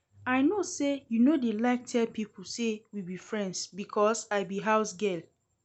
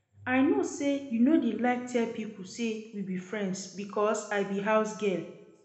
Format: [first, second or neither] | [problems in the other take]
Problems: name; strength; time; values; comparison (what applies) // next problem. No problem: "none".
first | room echo; dies away in 0.9 s